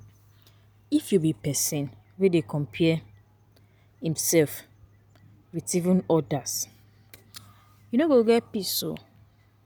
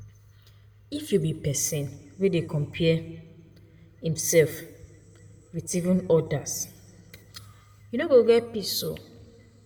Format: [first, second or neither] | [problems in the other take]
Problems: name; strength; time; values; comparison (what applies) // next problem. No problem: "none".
first | room echo; dies away in 0.6 s